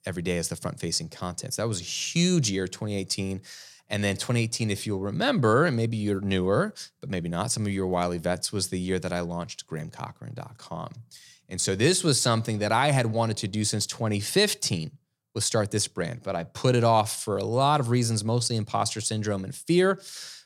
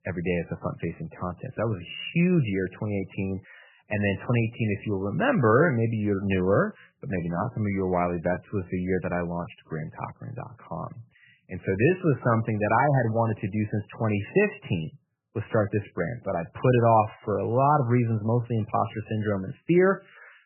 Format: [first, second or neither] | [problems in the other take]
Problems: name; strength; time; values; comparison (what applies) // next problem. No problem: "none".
first | garbled, watery; badly; nothing above 3 kHz